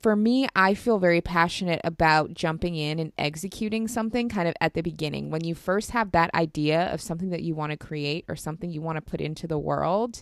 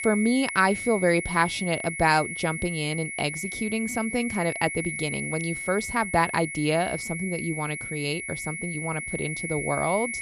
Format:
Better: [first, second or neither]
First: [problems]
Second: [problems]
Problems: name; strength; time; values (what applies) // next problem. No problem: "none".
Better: first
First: none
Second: high-pitched whine; loud; throughout; 2 kHz, 5 dB below the speech